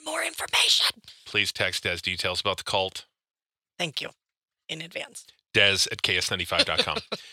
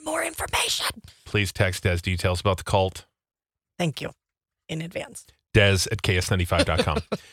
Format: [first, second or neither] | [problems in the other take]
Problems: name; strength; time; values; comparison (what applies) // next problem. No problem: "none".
second | thin; somewhat; fading below 700 Hz